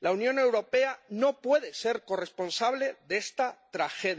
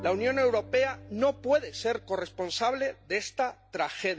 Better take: first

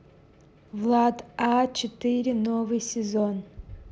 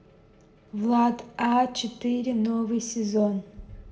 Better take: first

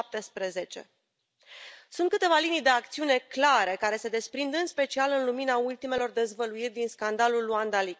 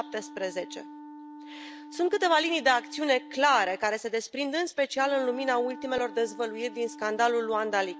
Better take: first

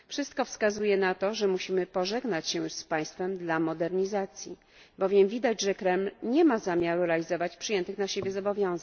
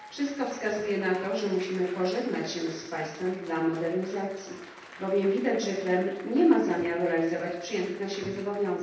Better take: first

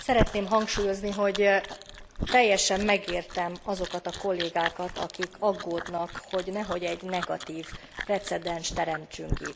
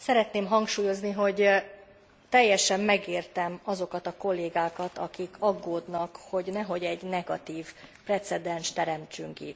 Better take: second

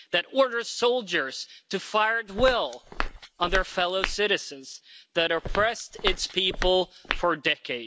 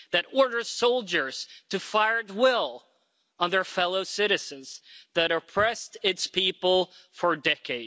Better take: second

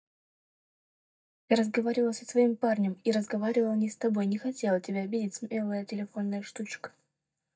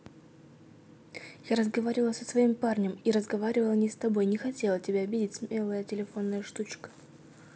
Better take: second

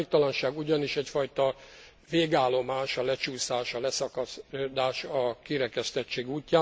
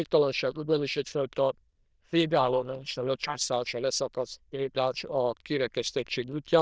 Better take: first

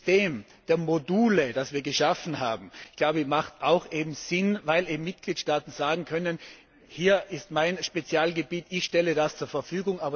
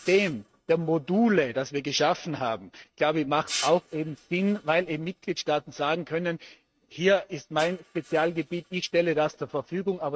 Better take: first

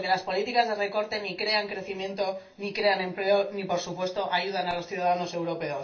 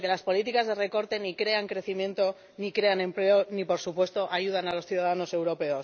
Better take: second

